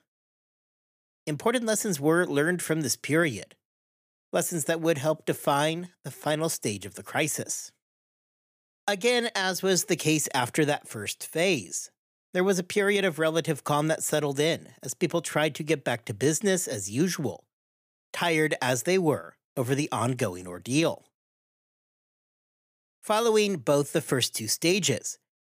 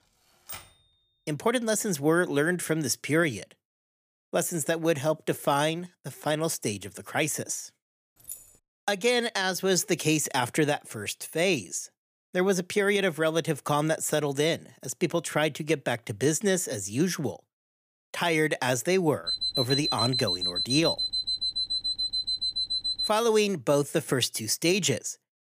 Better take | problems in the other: first | keyboard typing; faint; at 0.5 s; peak 15 dB below the speech // jangling keys; faint; at 8 s; peak 15 dB below the speech // alarm; loud; from 19 to 23 s; peak 1 dB above the speech

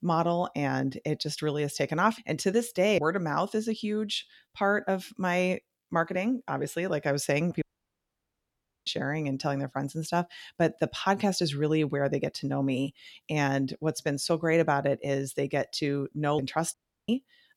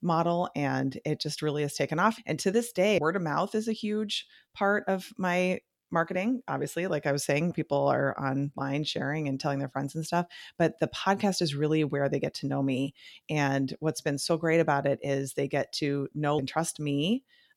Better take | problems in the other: second | audio cutting out; at 7.5 s for 1 s and at 17 s

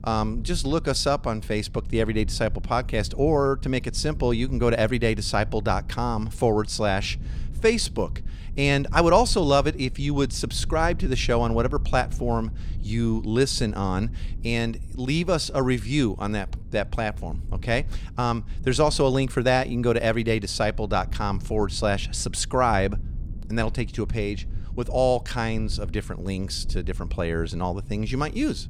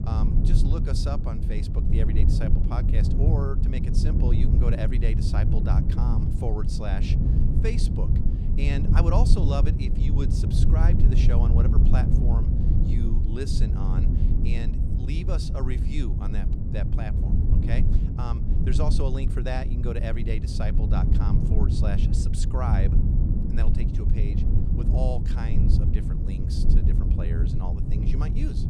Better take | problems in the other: first | low rumble; loud; throughout; 1 dB below the speech; faint in the first

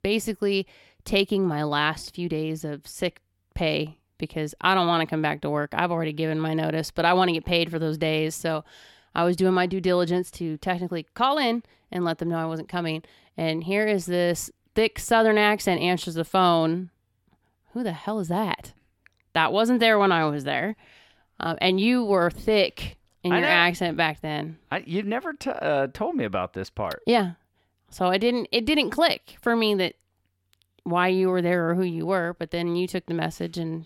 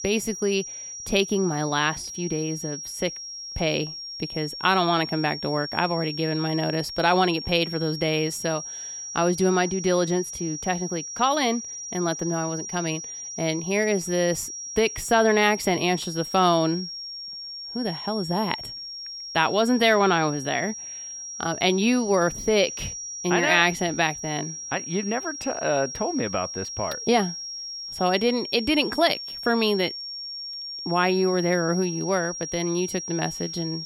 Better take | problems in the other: first | high-pitched whine; loud; throughout; 5.5 kHz, 8 dB below the speech

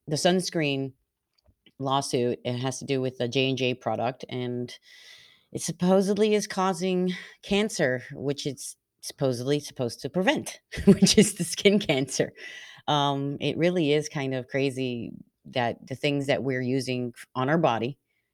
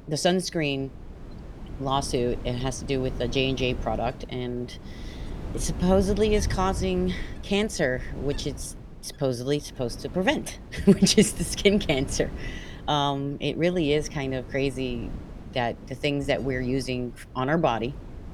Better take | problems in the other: first | wind noise on the microphone; occasional gusts; 20 dB below the speech

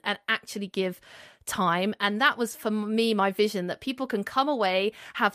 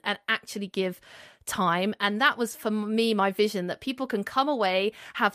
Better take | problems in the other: neither | none

